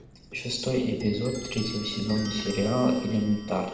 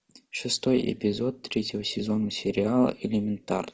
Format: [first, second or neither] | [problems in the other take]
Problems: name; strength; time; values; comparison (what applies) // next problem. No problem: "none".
second | background sound (Clock); 13 dB below the speech // room echo; dies away in 1 s